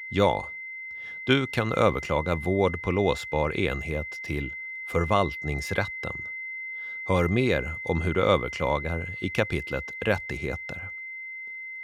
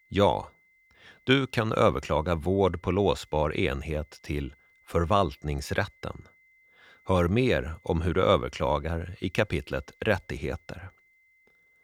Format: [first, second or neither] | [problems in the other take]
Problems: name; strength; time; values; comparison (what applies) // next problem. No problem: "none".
second | high-pitched whine; loud; throughout; 2 kHz, 8 dB below the speech; faint in the second